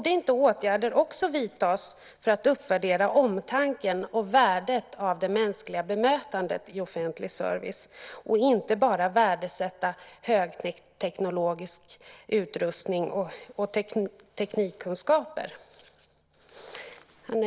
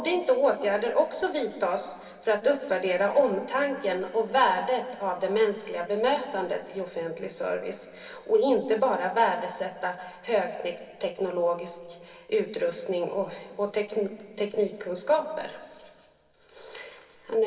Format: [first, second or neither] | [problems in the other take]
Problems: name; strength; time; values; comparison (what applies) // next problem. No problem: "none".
first | room echo; dies away in 1.8 s